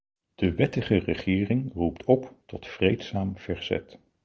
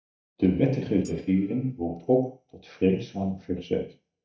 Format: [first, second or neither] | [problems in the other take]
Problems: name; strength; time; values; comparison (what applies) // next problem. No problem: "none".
first | noise reduction (neural mask model DeepFilterNet 3)